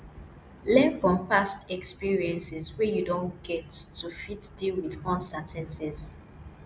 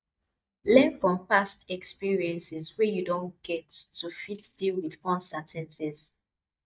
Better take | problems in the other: first | noise reduction (neural mask model DeepFilterNet 3)

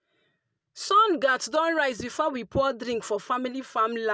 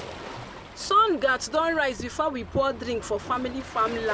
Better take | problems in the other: first | background sound (Waves, surf); 14 dB below the speech

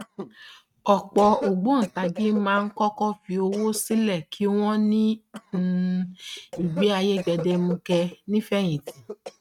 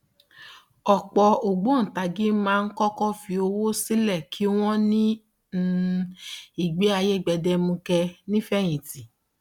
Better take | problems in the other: second | noise reduction (neural mask model RNNoise)

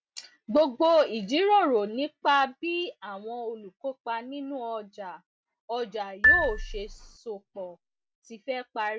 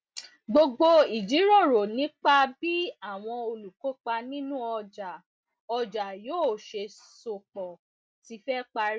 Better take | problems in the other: second | background sound (Marimba, xylophone); 1 dB above the speech

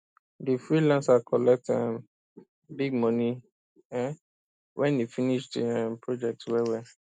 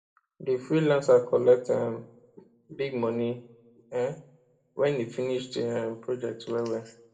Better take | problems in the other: first | room echo; dies away in 0.4 s

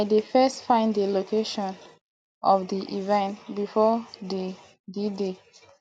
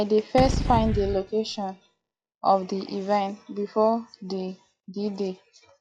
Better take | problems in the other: first | noise reduction (classical method log-MMSE)

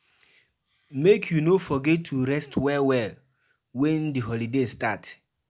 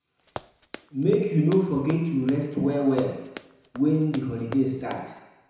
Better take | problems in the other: first | background sound (Run); 18 dB below the speech // room echo; dies away in 1 s

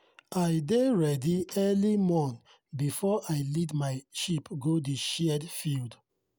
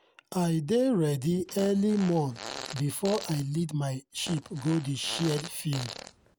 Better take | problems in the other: first | background sound (Fart); 13 dB below the speech

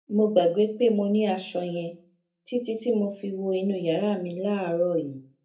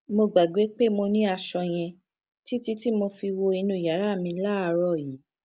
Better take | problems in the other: second | room echo; dies away in 0.3 s

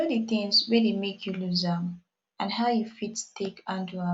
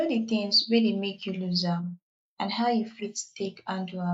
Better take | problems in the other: first | noise reduction (neural mask model Resemble Enhance denoiser)

